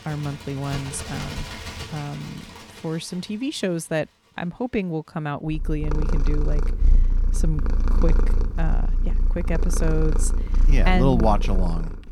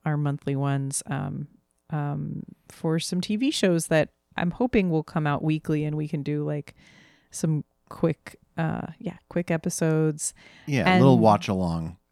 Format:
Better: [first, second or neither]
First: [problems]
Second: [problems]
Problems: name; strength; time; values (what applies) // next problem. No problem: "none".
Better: second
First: animal sounds; very loud; throughout; 2 dB above the speech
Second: none